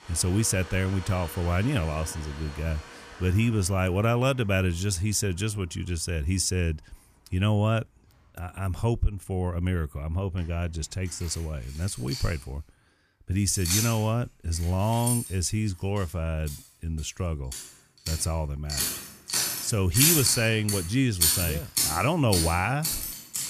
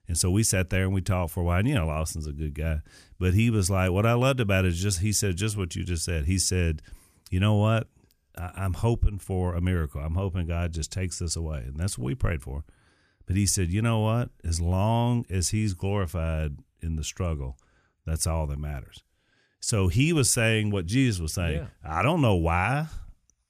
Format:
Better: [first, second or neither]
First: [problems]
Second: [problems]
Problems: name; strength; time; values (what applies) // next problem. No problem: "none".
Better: second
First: household noises; loud; throughout; 1 dB below the speech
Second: none